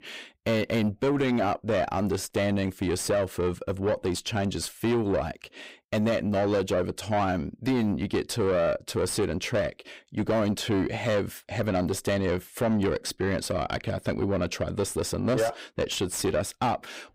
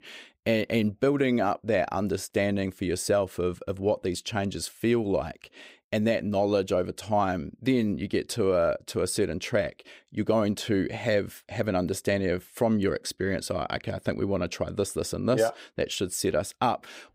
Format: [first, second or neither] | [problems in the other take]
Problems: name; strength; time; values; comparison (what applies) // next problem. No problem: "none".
second | distortion; slight; 10 dB below the speech